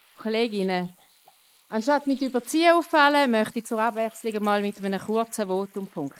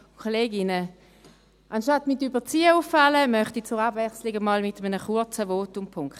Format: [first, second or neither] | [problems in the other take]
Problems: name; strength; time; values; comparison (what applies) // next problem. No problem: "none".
second | noise reduction (neural mask model Resemble Enhance denoiser)